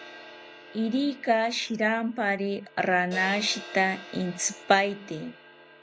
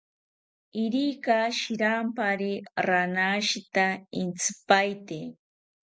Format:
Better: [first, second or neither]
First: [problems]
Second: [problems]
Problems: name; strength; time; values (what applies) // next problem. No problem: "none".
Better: second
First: background sound (Crash cymbal); 17 dB below the speech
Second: none